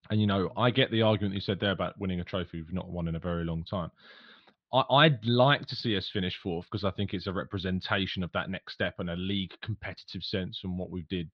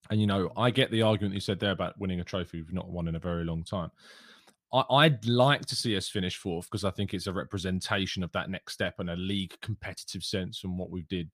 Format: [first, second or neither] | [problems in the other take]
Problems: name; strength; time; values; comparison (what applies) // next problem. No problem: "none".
second | muffled; very slightly; fading above 4 kHz